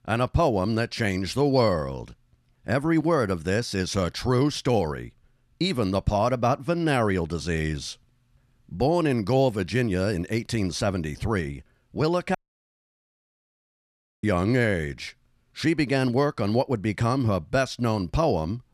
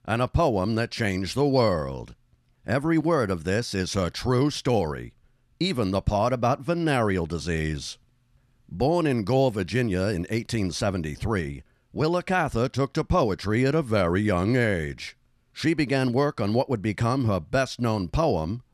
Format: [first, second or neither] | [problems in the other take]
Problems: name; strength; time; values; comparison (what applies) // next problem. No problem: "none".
second | audio cutting out; at 12 s for 2 s